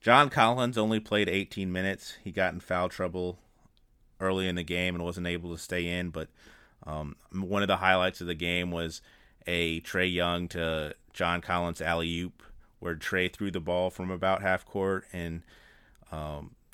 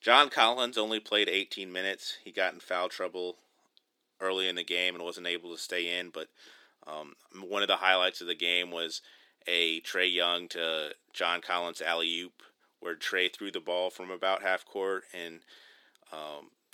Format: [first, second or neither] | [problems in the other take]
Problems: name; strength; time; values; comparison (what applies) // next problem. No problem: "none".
first | thin; somewhat; fading below 350 Hz